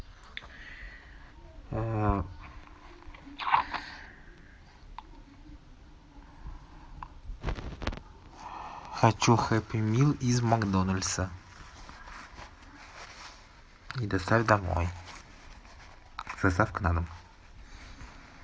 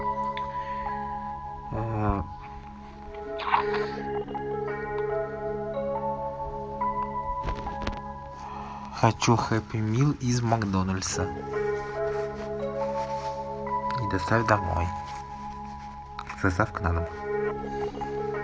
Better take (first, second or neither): first